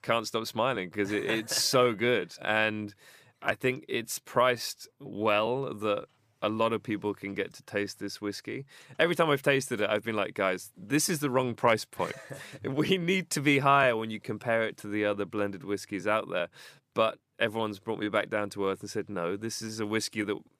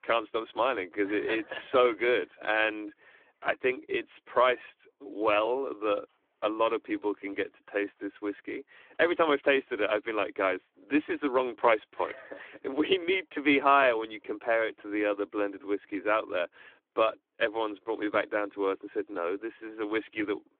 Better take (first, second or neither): first